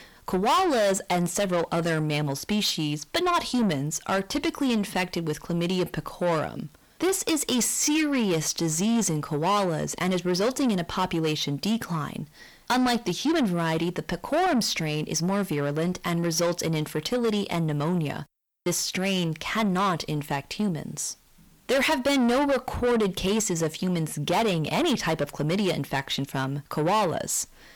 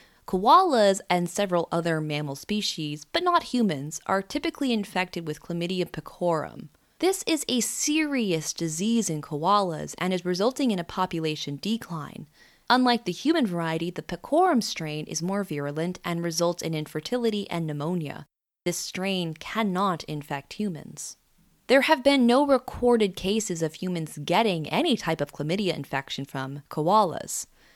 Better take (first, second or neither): second